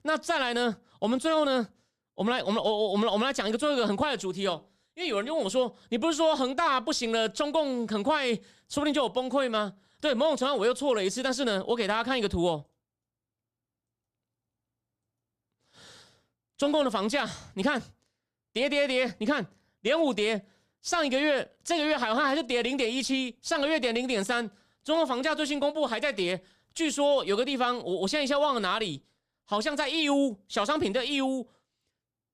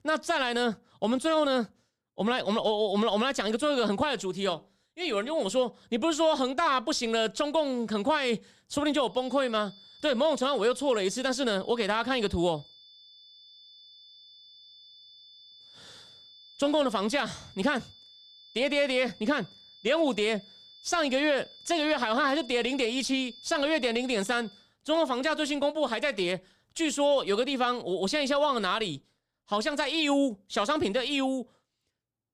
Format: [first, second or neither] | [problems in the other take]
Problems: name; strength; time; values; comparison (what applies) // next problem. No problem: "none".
first | high-pitched whine; faint; from 9 to 25 s; 3.5 kHz, 20 dB below the speech